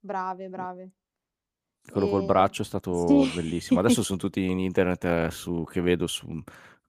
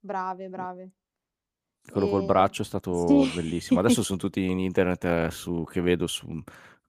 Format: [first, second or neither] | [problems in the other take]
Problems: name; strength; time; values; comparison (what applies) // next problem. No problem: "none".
neither | none